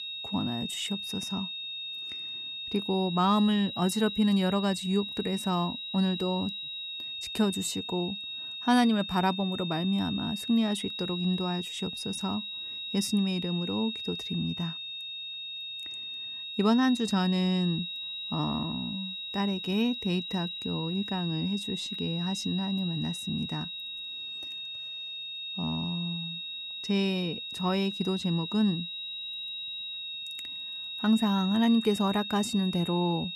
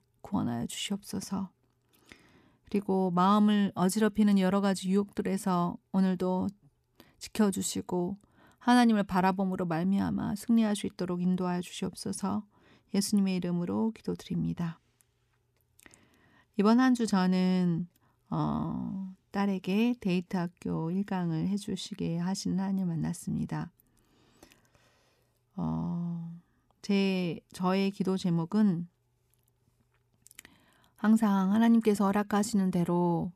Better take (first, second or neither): second